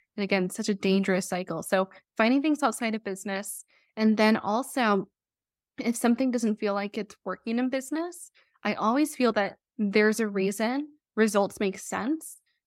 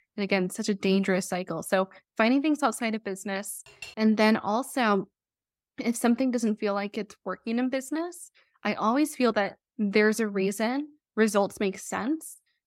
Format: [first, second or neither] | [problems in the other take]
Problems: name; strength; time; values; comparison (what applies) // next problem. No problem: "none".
first | clattering dishes; faint; at 3.5 s; peak 15 dB below the speech